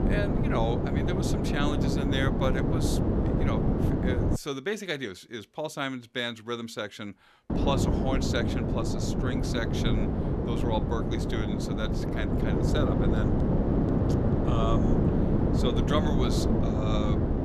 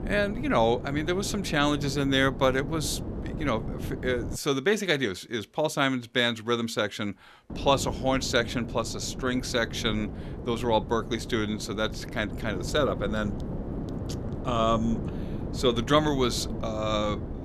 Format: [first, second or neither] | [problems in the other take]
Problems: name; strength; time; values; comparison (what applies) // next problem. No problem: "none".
second | wind noise on the microphone; heavy; until 4.5 s and from 7.5 s on; 1 dB above the speech; occasional gusts in the second